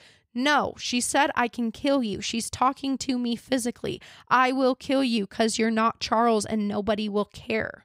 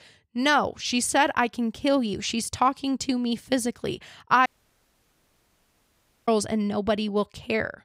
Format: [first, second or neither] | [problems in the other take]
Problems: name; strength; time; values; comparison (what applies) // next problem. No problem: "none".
first | audio cutting out; at 4.5 s for 2 s